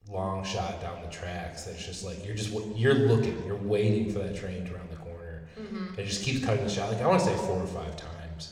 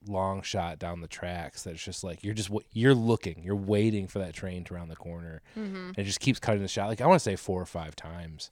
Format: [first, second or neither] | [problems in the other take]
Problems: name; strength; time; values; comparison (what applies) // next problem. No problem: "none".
second | room echo; slight; dies away in 1.3 s